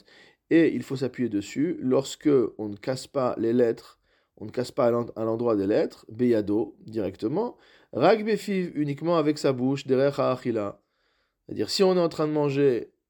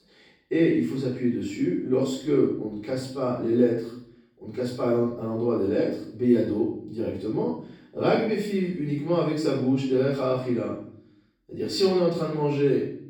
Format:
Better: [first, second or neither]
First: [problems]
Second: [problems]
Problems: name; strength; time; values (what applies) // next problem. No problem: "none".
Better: first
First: none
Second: room echo; noticeable; dies away in 0.6 s // off-mic speech; far